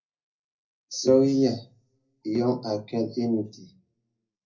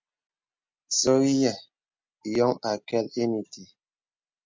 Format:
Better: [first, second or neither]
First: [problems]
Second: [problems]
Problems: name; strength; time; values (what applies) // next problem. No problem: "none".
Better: second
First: room echo; dies away in 0.4 s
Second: none